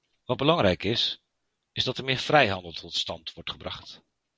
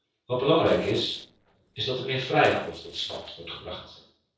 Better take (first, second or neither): first